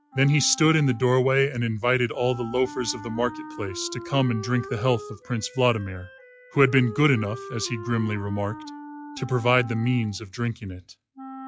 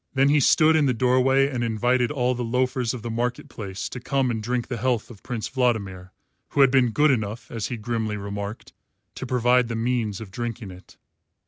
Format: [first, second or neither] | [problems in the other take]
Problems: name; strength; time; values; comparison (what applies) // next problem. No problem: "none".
second | noise reduction (classical method log-MMSE)